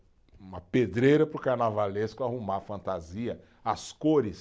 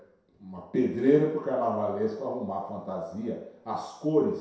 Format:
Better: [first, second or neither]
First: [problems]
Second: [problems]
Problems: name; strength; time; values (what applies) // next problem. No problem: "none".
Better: first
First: none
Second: room echo; dies away in 0.7 s